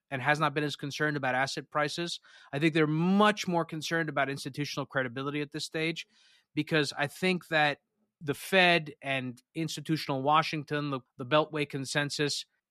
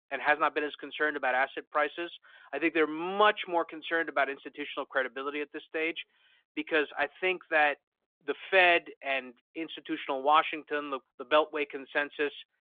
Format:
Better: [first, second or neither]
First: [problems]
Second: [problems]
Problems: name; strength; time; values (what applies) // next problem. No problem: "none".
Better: first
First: none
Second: phone-call audio; nothing above 3.5 kHz